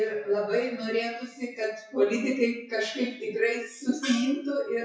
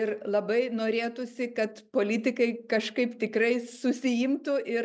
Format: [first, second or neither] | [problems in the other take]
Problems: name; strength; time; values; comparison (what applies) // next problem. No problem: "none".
second | noise reduction (classical method WPE with log-MMSE)